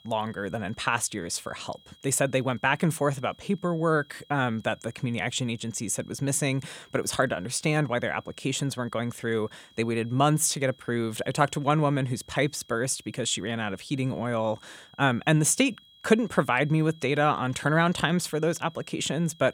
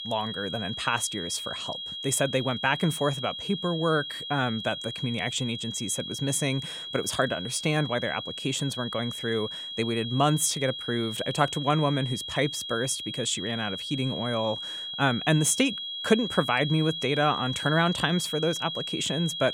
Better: first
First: high-pitched whine; faint; throughout; 3.5 kHz, 30 dB below the speech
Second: high-pitched whine; loud; throughout; 3.5 kHz, 6 dB below the speech

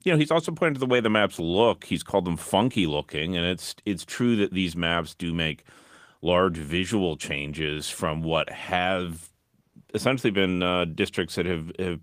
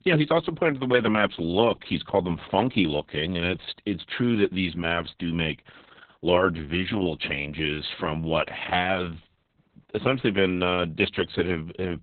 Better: first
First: garbled, watery; slightly; nothing above 15 kHz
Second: garbled, watery; badly; nothing above 3.5 kHz

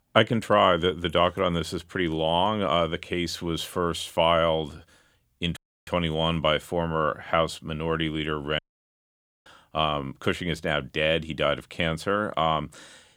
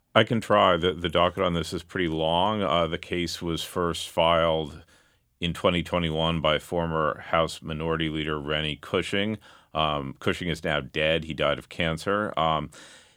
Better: second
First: audio cutting out; at 5.5 s and at 8.5 s for 1 s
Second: none

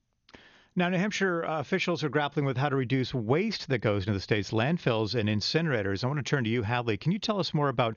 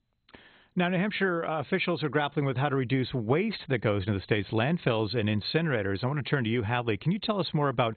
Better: first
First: garbled, watery; slightly; nothing above 6.5 kHz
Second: garbled, watery; badly; nothing above 4 kHz

